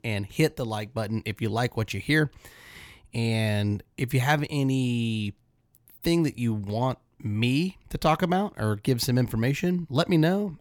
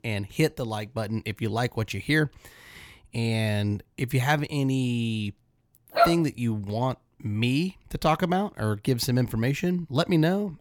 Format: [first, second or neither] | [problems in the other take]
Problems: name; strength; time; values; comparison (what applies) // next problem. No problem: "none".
first | dog barking; loud; at 6 s; peak 4 dB above the speech